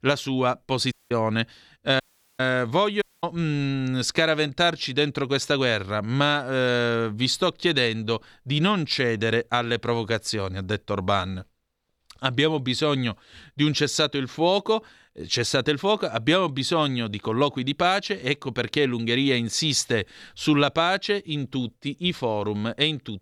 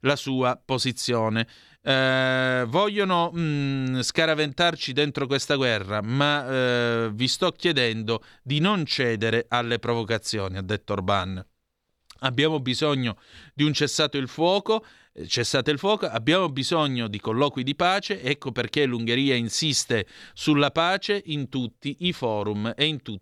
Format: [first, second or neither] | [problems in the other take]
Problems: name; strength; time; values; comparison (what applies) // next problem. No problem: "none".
second | audio cutting out; at 1 s, at 2 s and at 3 s